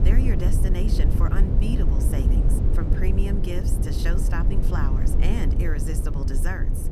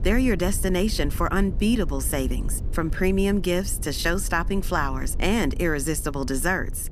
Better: second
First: low rumble; loud; throughout; 1 dB below the speech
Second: low rumble; faint; throughout; 20 dB below the speech

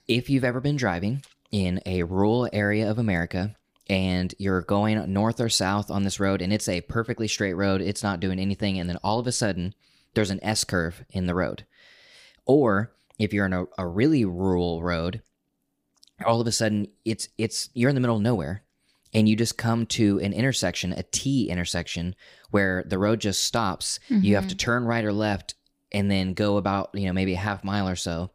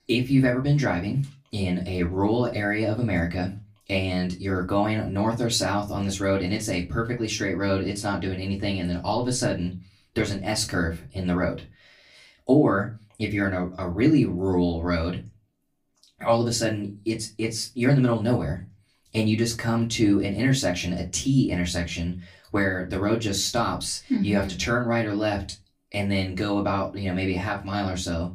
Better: first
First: none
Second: off-mic speech; far // room echo; very slight; dies away in 0.2 s

